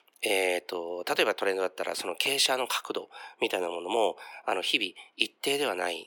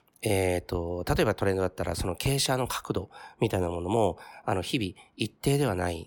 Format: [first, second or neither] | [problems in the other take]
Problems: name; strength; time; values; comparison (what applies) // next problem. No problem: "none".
second | thin; somewhat; fading below 350 Hz